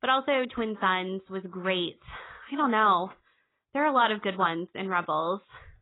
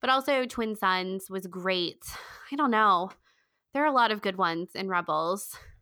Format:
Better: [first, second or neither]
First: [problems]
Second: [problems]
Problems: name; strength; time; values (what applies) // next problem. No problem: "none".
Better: second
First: garbled, watery; badly; nothing above 4 kHz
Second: none